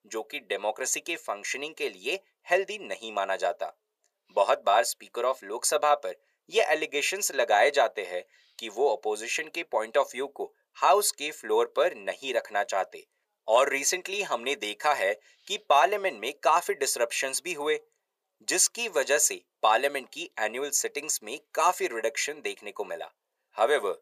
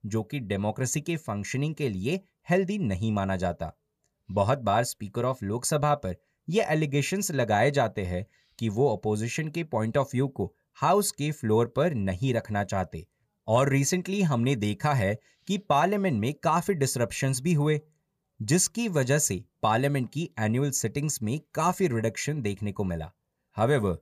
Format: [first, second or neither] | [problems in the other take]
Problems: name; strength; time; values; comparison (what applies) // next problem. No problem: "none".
second | thin; very; fading below 450 Hz